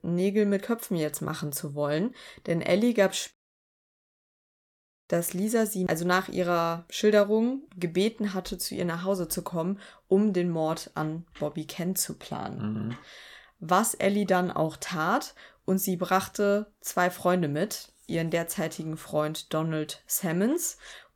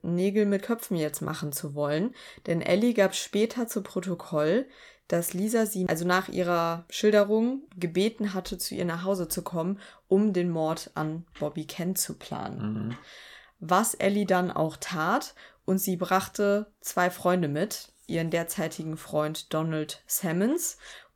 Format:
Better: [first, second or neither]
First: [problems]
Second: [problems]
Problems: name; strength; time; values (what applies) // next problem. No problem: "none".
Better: second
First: audio cutting out; at 3.5 s for 1.5 s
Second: none